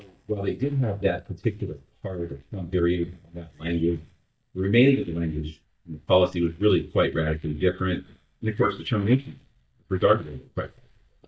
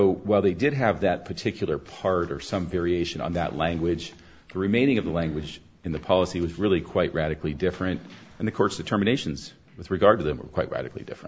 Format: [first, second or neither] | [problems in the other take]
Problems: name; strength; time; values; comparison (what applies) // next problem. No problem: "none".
second | noise reduction (neural mask model DeepFilterNet 3)